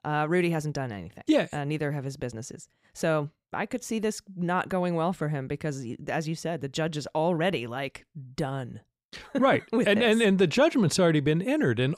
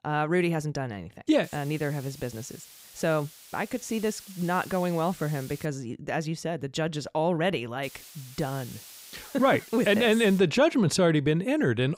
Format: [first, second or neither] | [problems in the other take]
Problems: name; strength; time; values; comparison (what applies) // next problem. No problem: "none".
first | hiss; noticeable; from 1.5 to 5.5 s and from 8 to 10 s; 20 dB below the speech